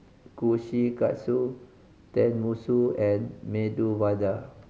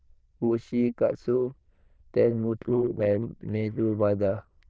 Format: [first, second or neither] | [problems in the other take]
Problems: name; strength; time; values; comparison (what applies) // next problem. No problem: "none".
first | noise reduction (neural diffusion model UNIVERSE++)